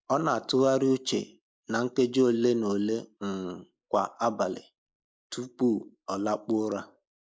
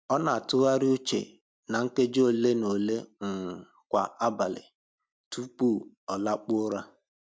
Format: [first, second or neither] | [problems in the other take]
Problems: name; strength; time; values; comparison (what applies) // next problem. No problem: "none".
second | noise reduction (neural mask model Resemble Enhance denoiser)